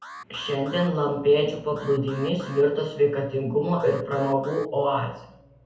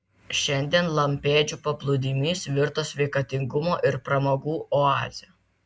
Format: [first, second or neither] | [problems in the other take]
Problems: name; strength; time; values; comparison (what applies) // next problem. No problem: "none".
second | background sound (Alarm); 20 dB below the speech // room echo; dies away in 2 s